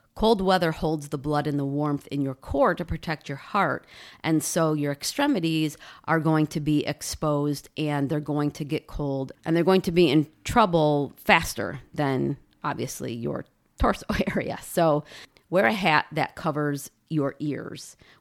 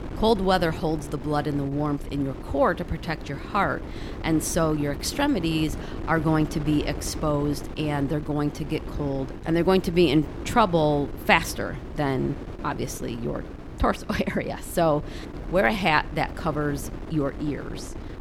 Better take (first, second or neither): first